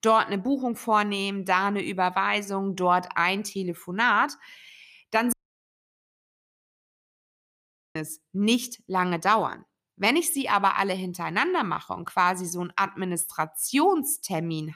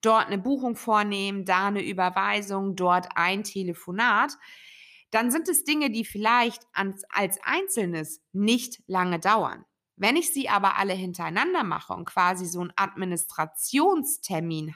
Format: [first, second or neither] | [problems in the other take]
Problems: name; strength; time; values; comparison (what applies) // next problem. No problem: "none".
second | audio cutting out; at 5.5 s for 2.5 s